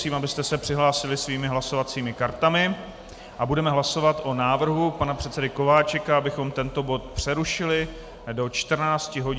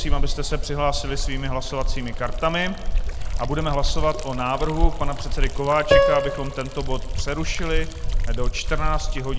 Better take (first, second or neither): first